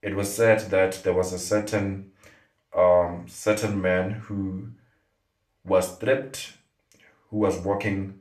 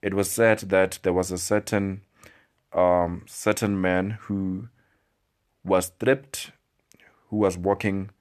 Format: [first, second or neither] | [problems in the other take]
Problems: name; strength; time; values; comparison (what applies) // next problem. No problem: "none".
second | room echo; slight; dies away in 0.3 s // off-mic speech; somewhat distant